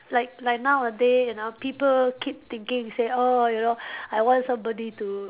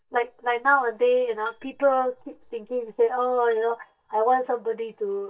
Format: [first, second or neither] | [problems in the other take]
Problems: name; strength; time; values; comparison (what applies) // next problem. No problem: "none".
first | noise reduction (neural mask model DeepFilterNet 3)